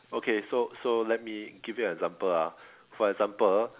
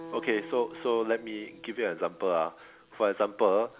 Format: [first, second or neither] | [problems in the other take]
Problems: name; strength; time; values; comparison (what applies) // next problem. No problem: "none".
first | background sound (Acoustic guitar); 19 dB below the speech